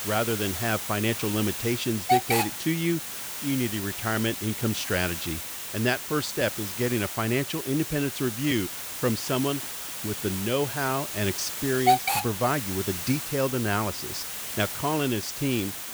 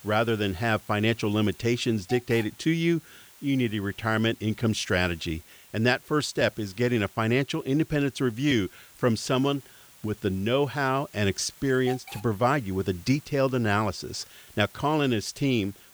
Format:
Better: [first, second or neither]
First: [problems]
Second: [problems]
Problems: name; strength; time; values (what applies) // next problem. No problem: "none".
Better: second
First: hiss; loud; throughout; 2 dB below the speech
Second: hiss; faint; throughout; 20 dB below the speech